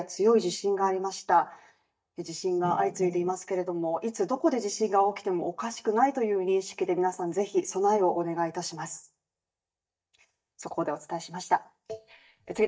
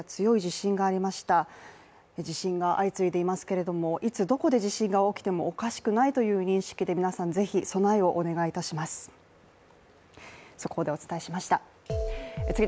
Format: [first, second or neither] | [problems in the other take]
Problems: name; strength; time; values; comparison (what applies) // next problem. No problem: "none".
second | noise reduction (neural mask model DeepFilterNet 3)